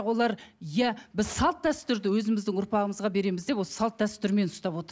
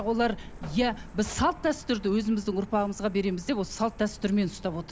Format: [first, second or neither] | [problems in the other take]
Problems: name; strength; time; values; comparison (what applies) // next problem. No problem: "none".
first | background sound (Truck); 16 dB below the speech